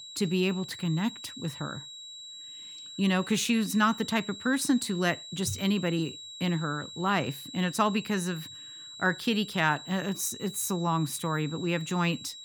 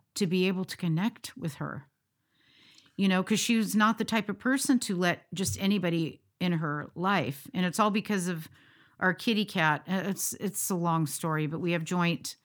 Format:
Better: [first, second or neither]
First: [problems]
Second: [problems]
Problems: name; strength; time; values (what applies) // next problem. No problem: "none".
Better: second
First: high-pitched whine; noticeable; throughout; 4 kHz, 10 dB below the speech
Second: none